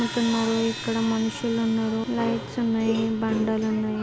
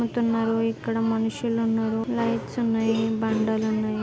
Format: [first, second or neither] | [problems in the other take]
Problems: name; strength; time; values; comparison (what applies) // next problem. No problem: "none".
second | background sound (Crash cymbal); 14 dB below the speech